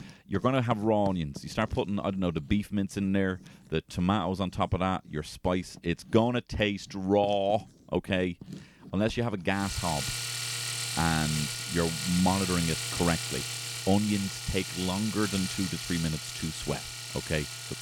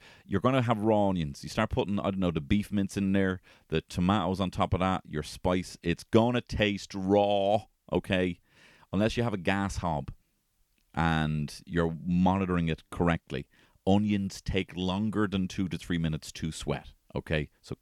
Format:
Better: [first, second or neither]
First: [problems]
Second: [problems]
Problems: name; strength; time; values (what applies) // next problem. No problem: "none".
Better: second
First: household noises; loud; throughout; 4 dB below the speech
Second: none